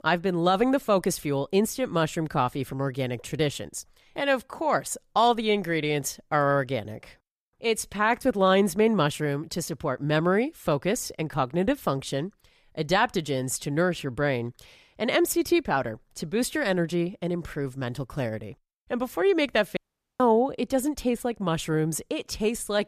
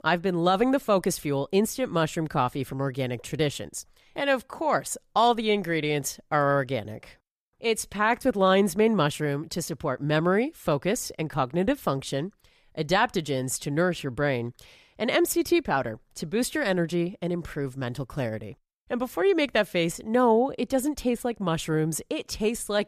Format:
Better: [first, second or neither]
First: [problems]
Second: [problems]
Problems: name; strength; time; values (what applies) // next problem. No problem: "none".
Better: second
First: audio cutting out; at 20 s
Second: none